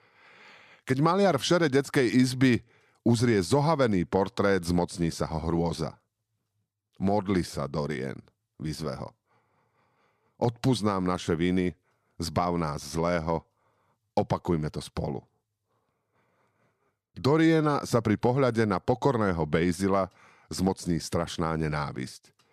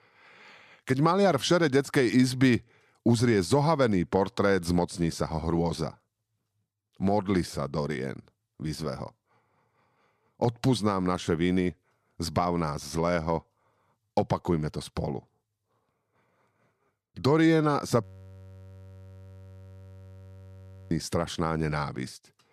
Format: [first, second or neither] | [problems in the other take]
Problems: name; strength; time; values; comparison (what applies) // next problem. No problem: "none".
first | audio freezing; at 18 s for 3 s